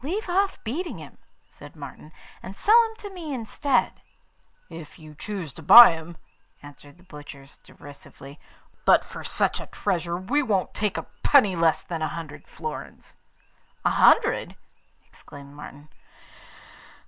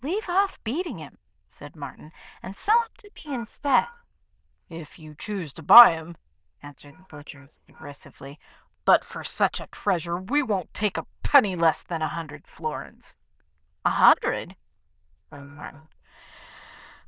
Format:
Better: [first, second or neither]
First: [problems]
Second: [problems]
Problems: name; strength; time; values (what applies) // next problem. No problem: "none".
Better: first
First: none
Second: noise reduction (neural diffusion model UNIVERSE++)